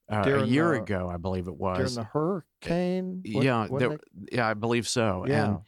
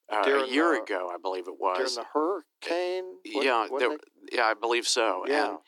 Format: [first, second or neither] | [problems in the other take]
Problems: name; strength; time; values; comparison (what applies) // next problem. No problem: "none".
first | thin; somewhat; fading below 300 Hz